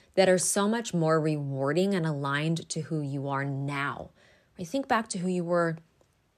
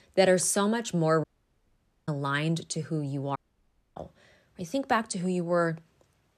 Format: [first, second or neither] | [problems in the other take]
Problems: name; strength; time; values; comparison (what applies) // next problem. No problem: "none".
first | audio cutting out; at 1 s for 1 s and at 3.5 s for 0.5 s